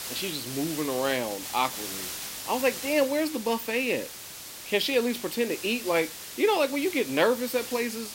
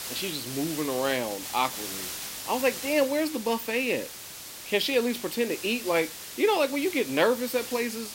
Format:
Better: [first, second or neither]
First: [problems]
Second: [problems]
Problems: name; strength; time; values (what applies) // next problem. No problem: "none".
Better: neither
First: hiss; loud; throughout; 9 dB below the speech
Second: hiss; loud; throughout; 9 dB below the speech